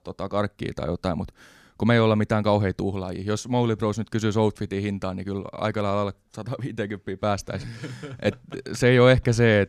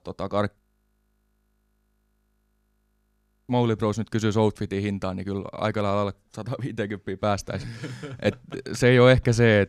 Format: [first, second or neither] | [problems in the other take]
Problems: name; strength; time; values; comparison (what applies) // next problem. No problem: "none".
first | audio freezing; at 0.5 s for 3 s